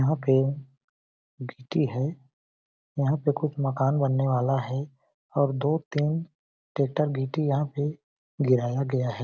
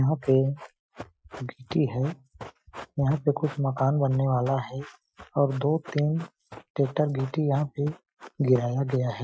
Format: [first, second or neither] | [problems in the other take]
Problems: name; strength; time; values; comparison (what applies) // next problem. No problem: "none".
first | noise reduction (classical method Wiener filter)